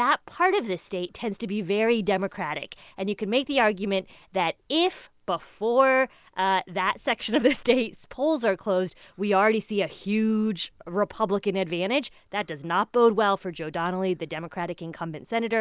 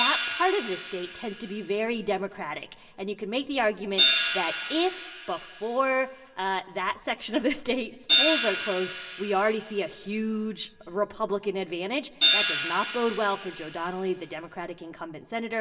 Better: first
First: none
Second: background sound (Hi-hat); 2 dB below the speech // room echo; dies away in 0.6 s

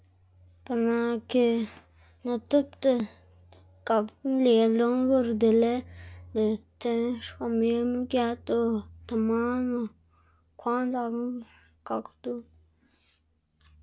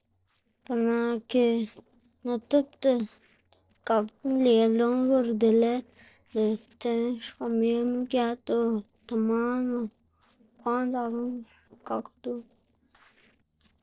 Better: first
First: none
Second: noise reduction (neural separator model SepFormer DNS4)

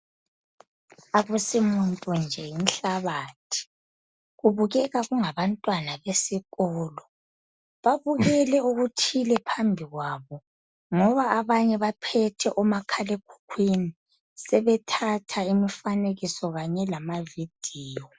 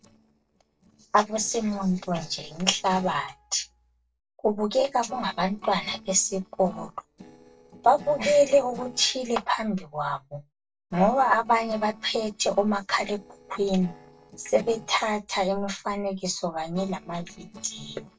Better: first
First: none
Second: noise reduction (neural separator model SepFormer DNS4)

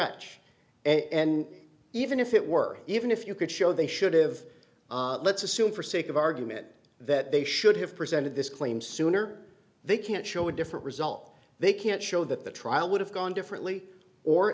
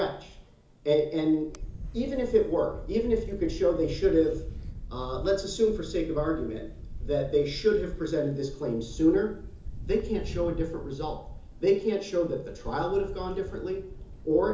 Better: first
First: none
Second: background sound (Camera); 10 dB below the speech // room echo; dies away in 0.7 s

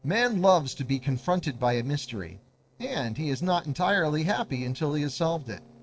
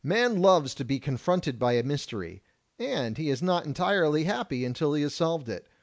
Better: second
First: noise reduction (neural separator model SepFormer DNS4)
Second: none

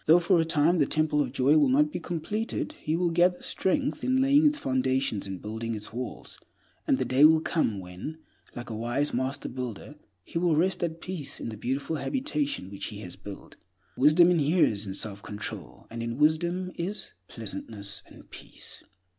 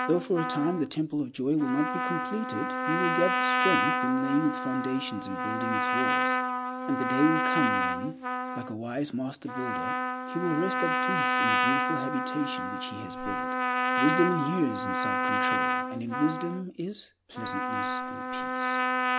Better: first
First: none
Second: background sound (Trumpet); 2 dB above the speech

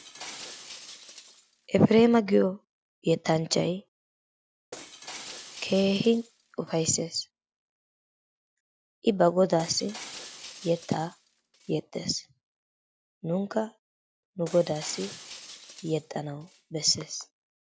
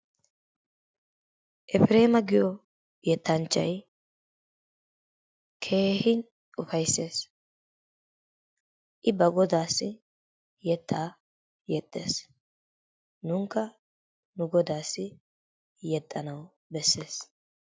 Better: second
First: background sound (Shatter); 19 dB below the speech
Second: none

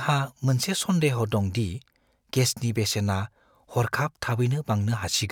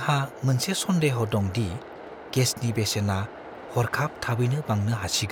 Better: first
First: none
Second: background sound (Train); 15 dB below the speech

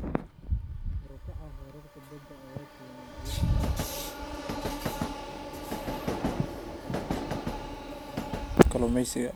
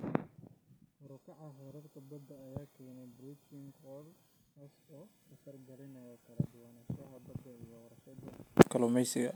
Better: second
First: background sound (Train); as loud as the speech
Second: none

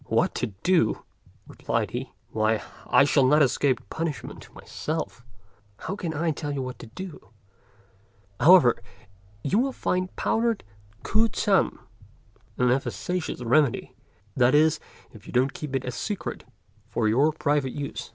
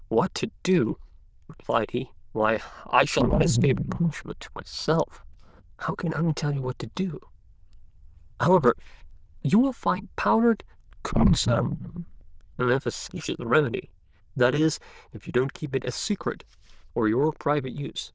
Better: first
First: none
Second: noise reduction (neural diffusion model UNIVERSE++)

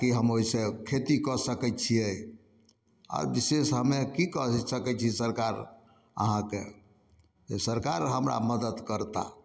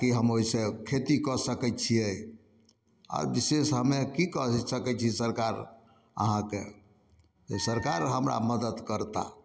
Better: first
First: none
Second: background sound (Wind instrument, woodwind instrument); 14 dB below the speech

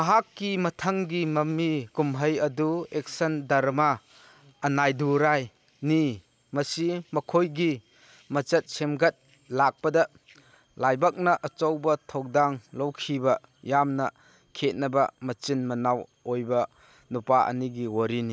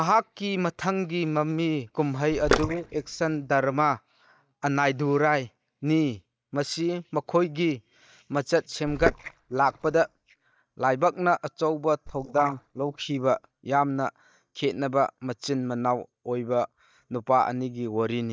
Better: first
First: none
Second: noise reduction (neural mask model DeepFilterNet 3)

